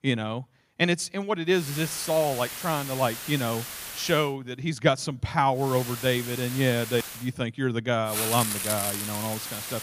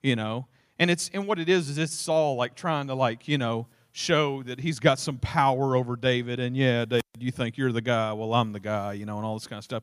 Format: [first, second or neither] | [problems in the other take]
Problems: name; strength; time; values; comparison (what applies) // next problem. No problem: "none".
second | hiss; loud; from 1.5 to 4 s, from 5.5 to 7 s and from 8 s on; 5 dB below the speech